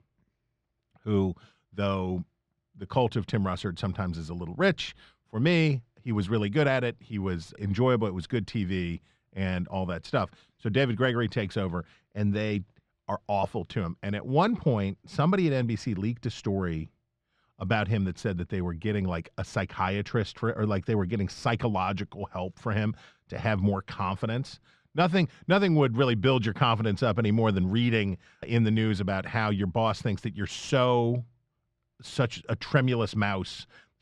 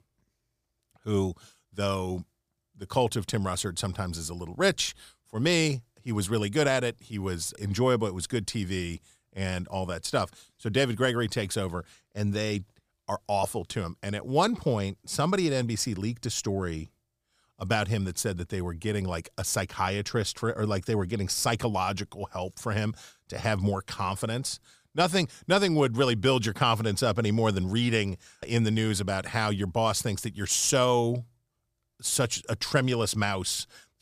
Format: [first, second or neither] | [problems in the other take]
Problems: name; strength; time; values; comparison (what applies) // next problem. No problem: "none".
second | muffled; slightly; fading above 2.5 kHz